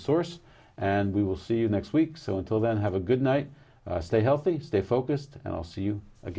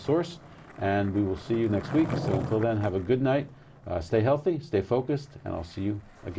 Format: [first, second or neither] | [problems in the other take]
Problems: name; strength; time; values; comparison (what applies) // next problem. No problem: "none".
first | background sound (Skateboard); 11 dB below the speech